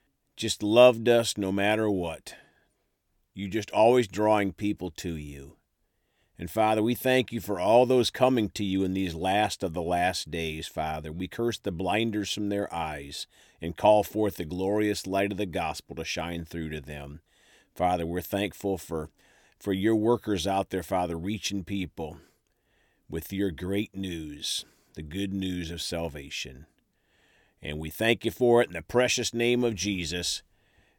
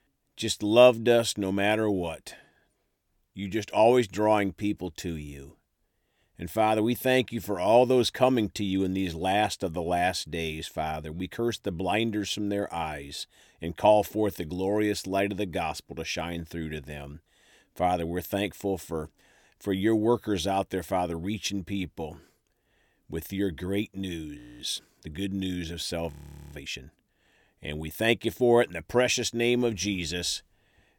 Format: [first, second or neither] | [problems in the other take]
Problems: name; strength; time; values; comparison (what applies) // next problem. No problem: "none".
first | audio freezing; at 24 s and at 26 s